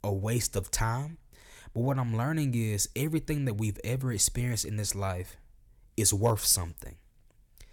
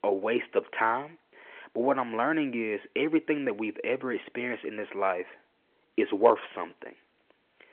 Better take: first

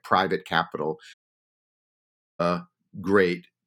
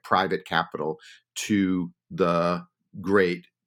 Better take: second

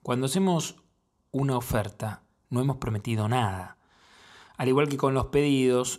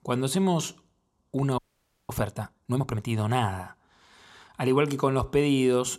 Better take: first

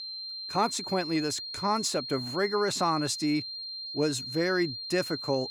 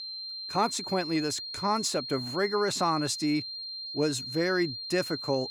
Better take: neither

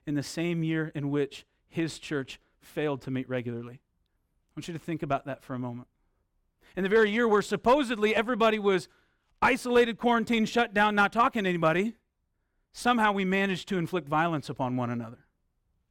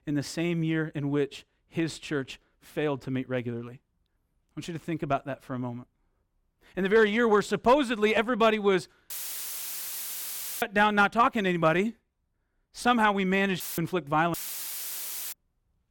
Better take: first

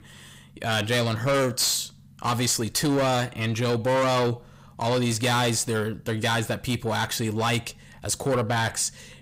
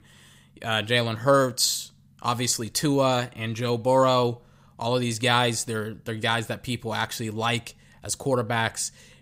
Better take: second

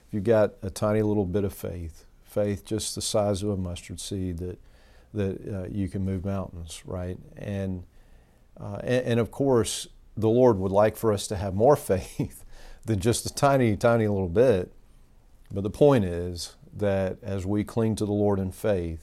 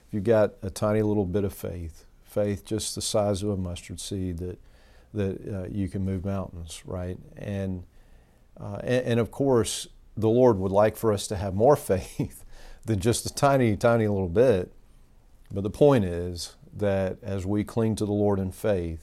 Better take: neither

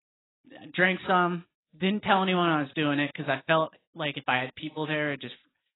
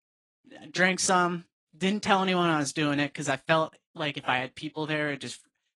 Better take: second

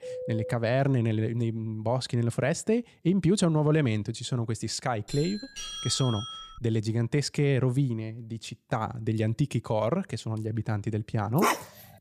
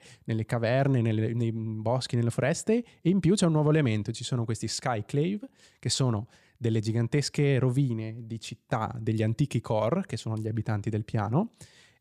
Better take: second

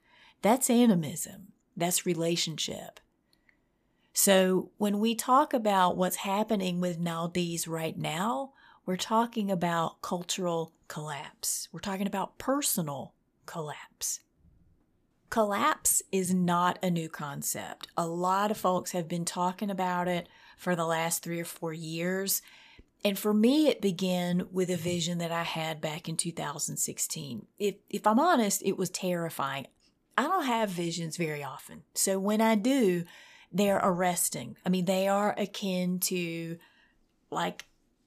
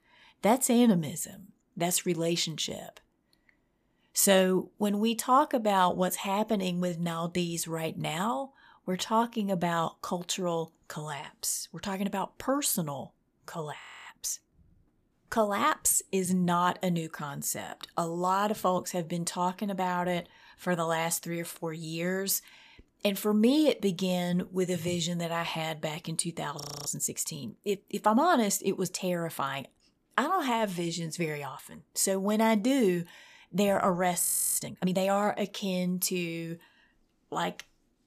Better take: first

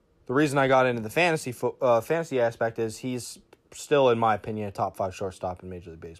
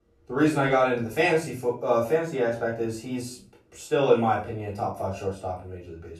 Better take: first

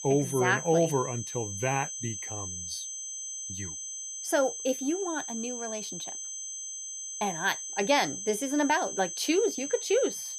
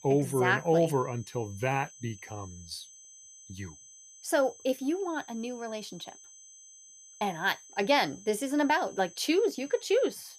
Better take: second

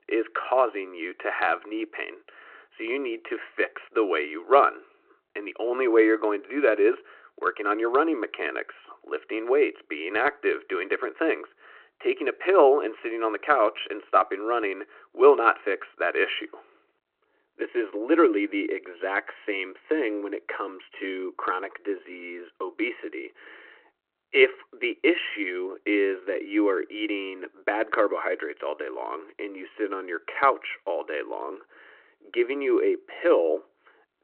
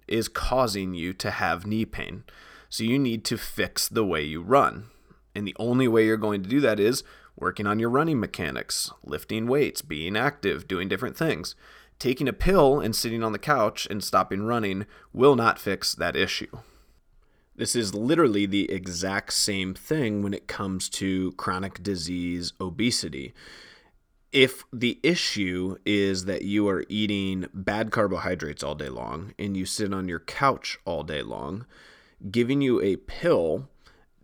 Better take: second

